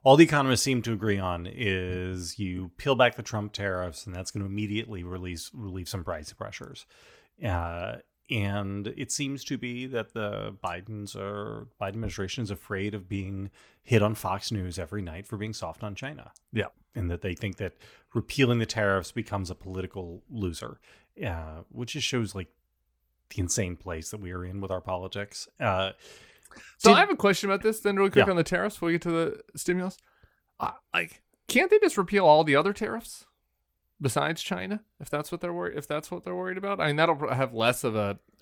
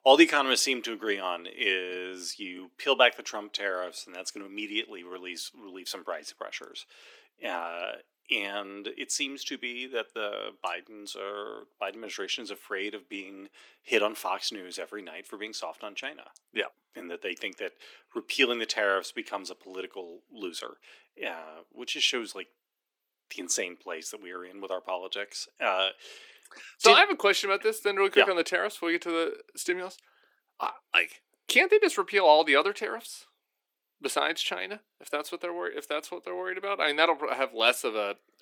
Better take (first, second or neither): first